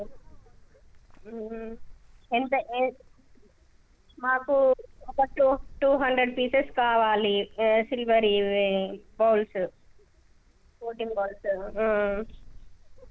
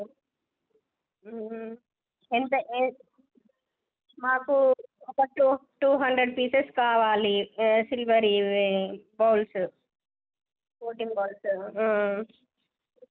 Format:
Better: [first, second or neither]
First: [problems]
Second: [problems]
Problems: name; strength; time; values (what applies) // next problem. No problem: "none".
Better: second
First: background sound (Wind); 19 dB below the speech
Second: none